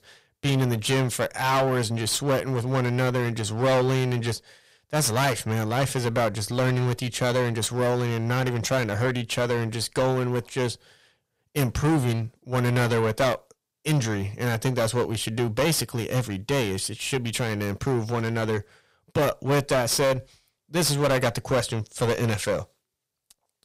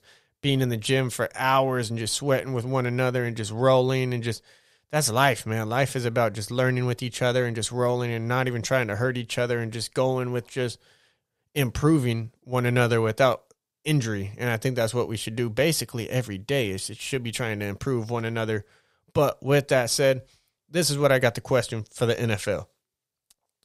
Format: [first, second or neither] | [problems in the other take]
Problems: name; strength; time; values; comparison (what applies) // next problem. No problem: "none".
second | distortion; heavy; 15% of the sound clipped